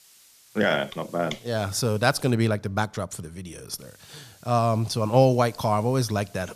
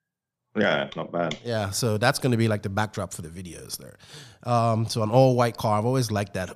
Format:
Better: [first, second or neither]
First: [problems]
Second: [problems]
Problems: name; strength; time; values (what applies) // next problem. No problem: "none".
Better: second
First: hiss; faint; until 2.5 s and from 4 s on; 25 dB below the speech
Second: none